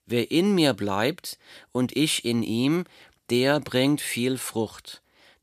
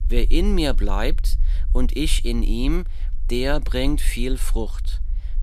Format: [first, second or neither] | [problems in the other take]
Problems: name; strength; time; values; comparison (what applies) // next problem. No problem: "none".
first | low rumble; faint; throughout; 25 dB below the speech